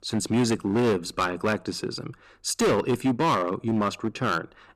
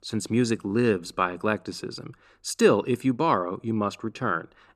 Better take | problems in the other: second | distortion; heavy; 10% of the sound clipped

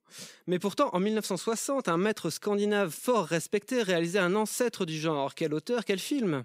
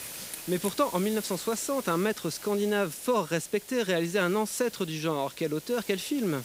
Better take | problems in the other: first | hiss; noticeable; throughout; 10 dB below the speech

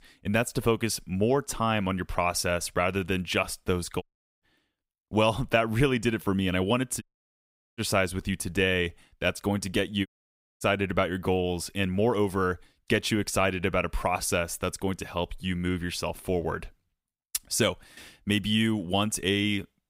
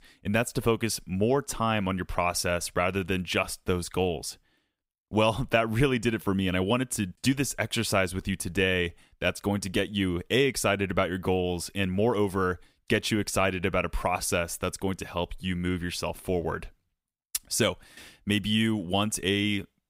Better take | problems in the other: second | audio cutting out; at 4 s, at 7 s for 1 s and at 10 s for 0.5 s

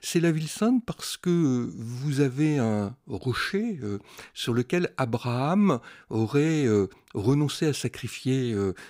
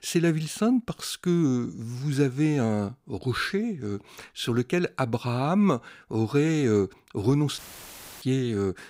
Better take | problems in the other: first | audio cutting out; filled with static; at 7.5 s for 0.5 s

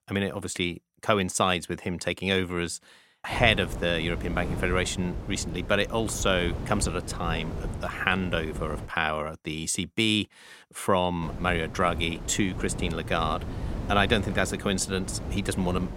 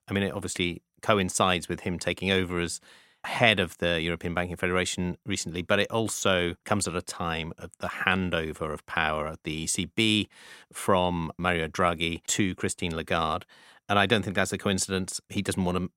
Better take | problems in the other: second | wind noise on the microphone; occasional gusts; from 3.5 to 9 s and from 11 s on; 15 dB below the speech

